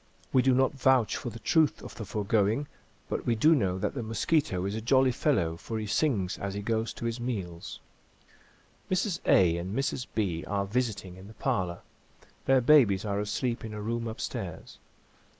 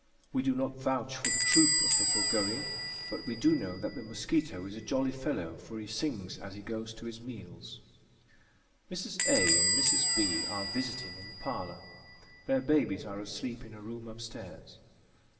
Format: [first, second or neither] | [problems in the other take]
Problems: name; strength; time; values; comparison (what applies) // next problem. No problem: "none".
first | background sound (Squeak / Bell); 1 dB above the speech // room echo; dies away in 1.7 s